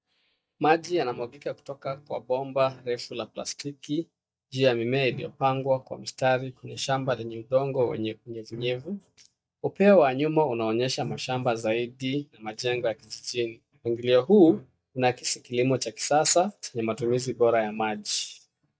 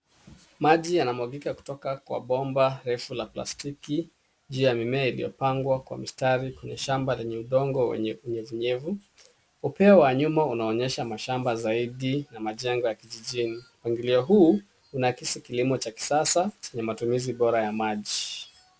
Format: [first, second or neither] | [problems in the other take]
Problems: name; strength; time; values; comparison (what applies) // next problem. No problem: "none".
second | noise reduction (neural mask model DeepFilterNet 3)